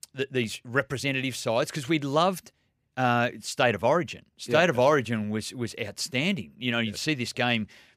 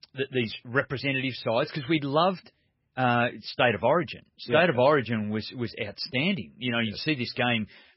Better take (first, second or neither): first